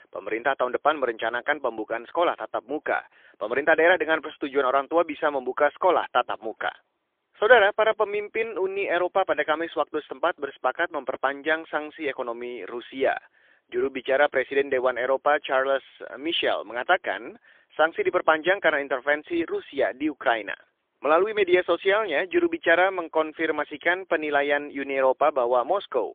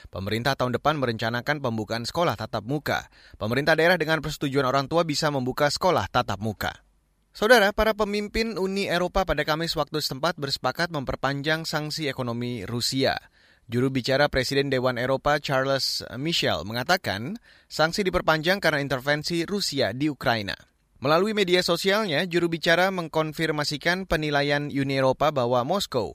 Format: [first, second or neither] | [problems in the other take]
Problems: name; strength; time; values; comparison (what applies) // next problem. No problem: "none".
second | phone-call audio; poor line; nothing above 3.5 kHz